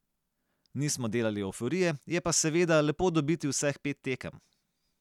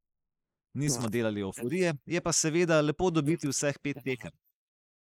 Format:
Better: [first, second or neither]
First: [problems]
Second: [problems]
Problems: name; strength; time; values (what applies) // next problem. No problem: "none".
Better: first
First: none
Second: noise reduction (neural mask model Resemble Enhance denoiser)